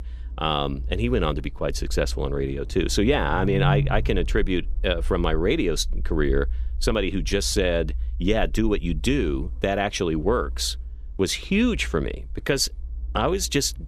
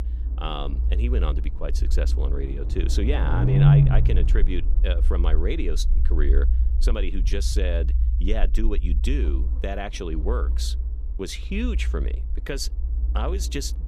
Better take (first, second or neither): first